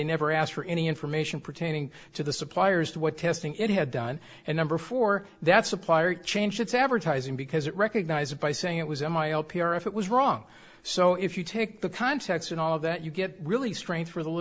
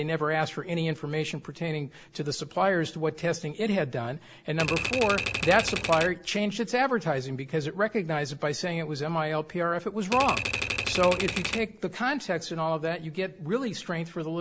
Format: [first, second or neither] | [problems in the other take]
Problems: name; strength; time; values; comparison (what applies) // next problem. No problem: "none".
first | background sound (Typewriter); 3 dB below the speech